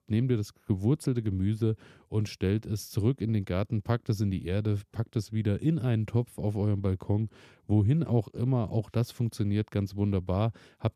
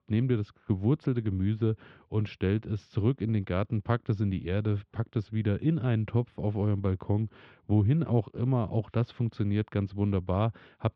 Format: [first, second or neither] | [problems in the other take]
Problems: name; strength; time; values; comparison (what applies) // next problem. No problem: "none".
first | muffled; slightly; fading above 3.5 kHz